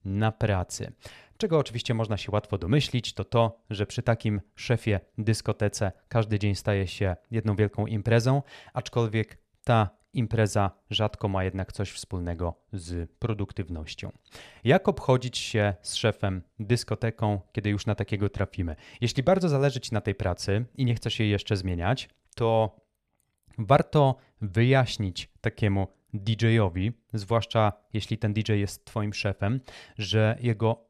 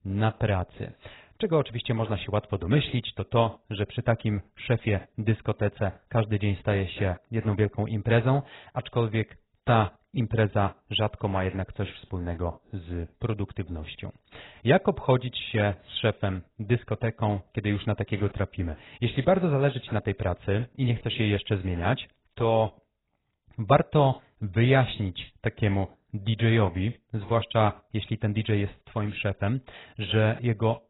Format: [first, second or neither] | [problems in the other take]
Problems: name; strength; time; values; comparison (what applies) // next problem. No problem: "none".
first | garbled, watery; badly; nothing above 4 kHz